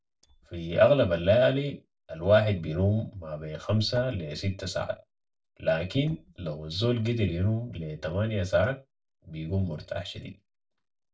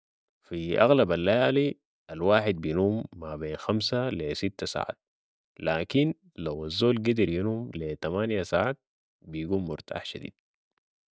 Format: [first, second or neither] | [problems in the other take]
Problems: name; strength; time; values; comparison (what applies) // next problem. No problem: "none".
second | noise reduction (neural separator model SepFormer DNS4)